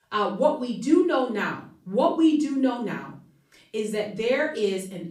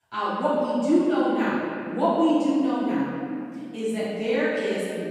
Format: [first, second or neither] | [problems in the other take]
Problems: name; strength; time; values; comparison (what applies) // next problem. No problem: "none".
first | room echo; strong; dies away in 2.3 s; slight in the first // off-mic speech; far; far in the first